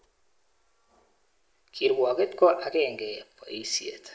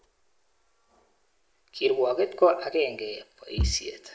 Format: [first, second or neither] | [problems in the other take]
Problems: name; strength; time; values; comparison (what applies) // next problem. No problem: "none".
first | background sound (Bass drum / Thump, thud); 9 dB below the speech